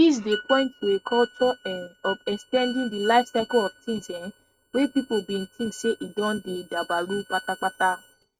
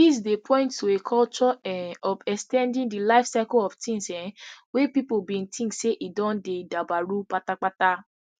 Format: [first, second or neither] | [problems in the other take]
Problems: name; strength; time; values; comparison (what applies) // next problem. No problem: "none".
second | noise reduction (neural mask model RNNoise)